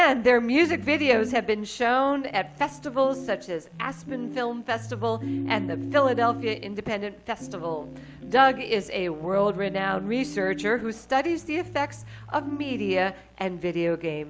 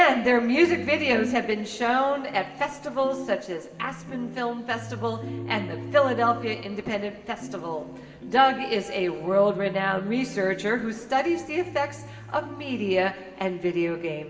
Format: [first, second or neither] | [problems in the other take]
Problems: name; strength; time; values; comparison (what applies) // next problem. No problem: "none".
first | room echo; dies away in 2.2 s